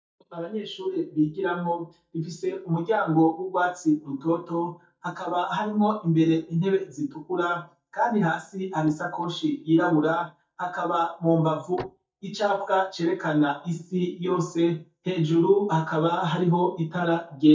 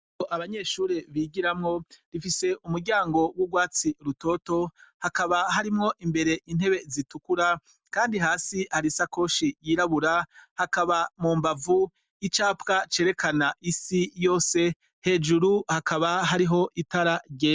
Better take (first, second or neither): second